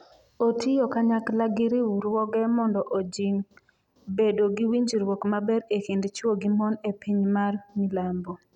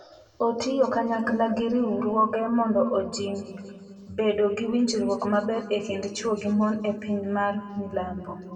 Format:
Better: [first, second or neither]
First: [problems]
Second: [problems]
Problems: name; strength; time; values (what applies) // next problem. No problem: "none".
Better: first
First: none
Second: room echo; dies away in 1.8 s